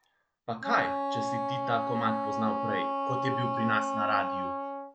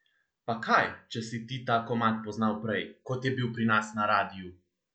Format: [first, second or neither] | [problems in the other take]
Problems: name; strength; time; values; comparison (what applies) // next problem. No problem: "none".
second | background sound (Wind instrument, woodwind instrument); 1 dB above the speech